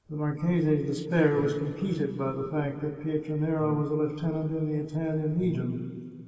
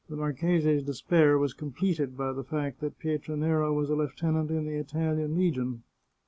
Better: second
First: background sound (Brass instrument); 16 dB below the speech // room echo; dies away in 2.4 s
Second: none

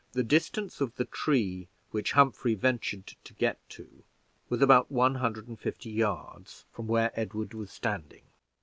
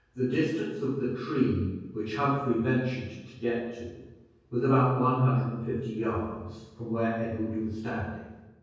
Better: first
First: none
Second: room echo; dies away in 1.3 s

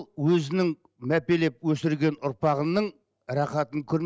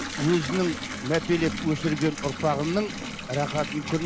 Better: first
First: none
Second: background sound (Bathtub (filling or washing) / Water tap, faucet); 7 dB below the speech

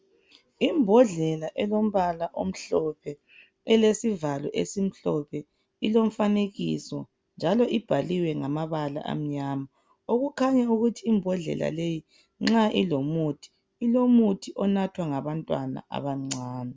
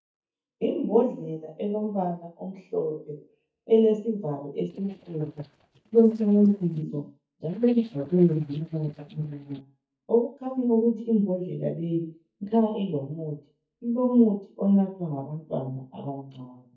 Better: first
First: none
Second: noise reduction (neural mask model DeepFilterNet 3)

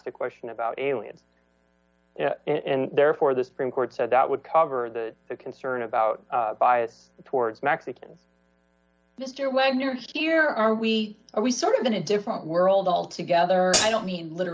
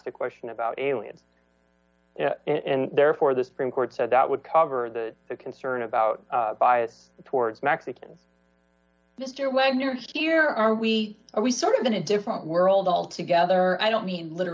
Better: second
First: background sound (Hi-hat); as loud as the speech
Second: none

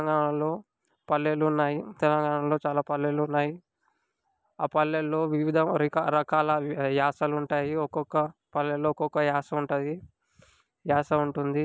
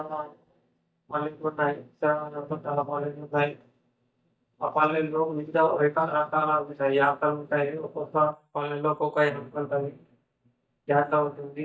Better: first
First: none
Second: noise reduction (neural mask model DeepFilterNet 3)

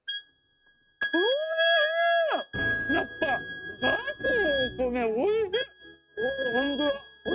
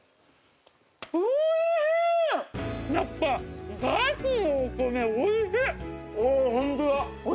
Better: second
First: noise reduction (neural mask model RNNoise)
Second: none

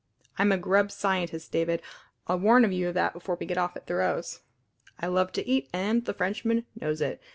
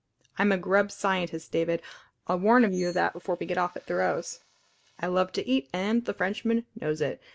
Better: first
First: none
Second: noise reduction (neural mask model Resemble Enhance denoiser)

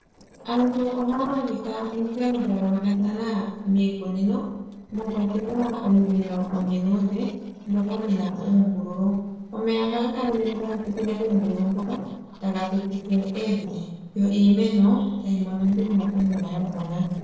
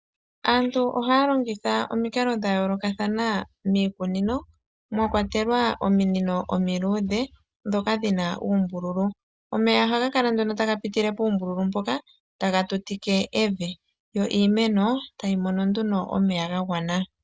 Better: second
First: noise reduction (neural separator model SepFormer DNS4)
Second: none

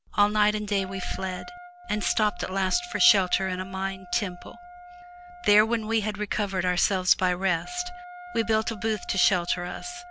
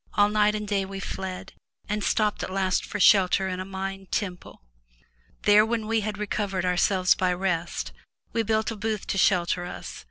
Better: second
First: background sound (Wind instrument, woodwind instrument); 17 dB below the speech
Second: none

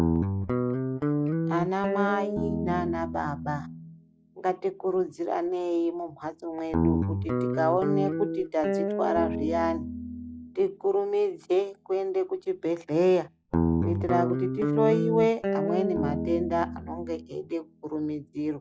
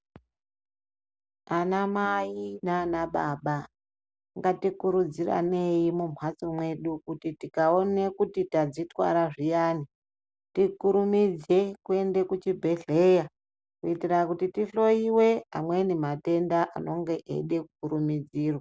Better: second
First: noise reduction (classical method log-MMSE)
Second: none

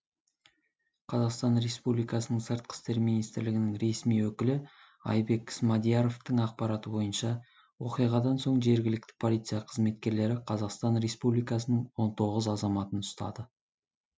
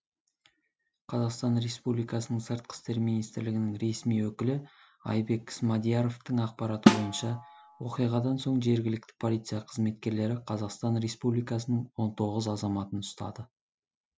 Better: first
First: none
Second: background sound (Snare drum); 2 dB above the speech

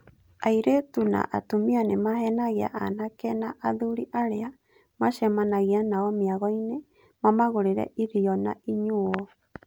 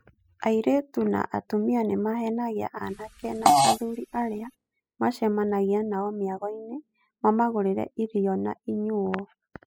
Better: first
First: none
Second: noise reduction (classical method spectral subtraction)

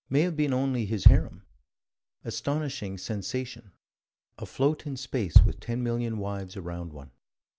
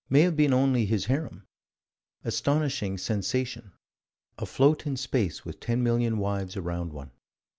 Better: second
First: background sound (Bass drum); 5 dB above the speech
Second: none

